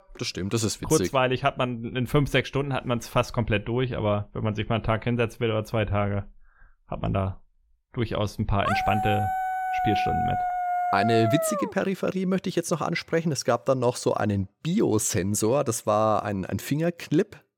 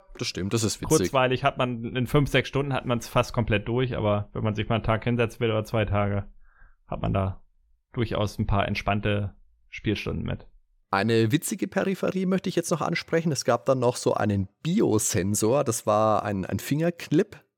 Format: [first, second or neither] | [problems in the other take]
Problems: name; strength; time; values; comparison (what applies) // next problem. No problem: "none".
second | dog barking; loud; from 8.5 to 12 s; peak 1 dB above the speech